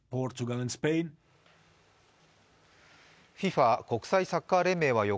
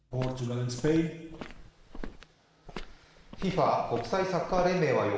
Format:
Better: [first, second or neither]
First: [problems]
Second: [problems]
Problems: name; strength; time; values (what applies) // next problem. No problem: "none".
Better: first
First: none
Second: background sound (Walk, footsteps); 12 dB below the speech // room echo; dies away in 1.1 s